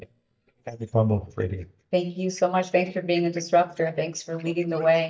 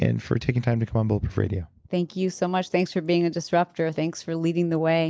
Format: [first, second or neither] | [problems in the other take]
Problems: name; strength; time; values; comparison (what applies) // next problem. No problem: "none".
second | noise reduction (neural mask model DeepFilterNet 3)